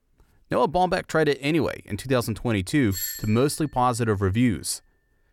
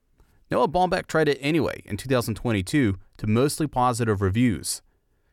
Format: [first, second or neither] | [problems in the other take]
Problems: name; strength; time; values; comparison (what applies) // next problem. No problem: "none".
second | doorbell; noticeable; at 3 s; peak 5 dB below the speech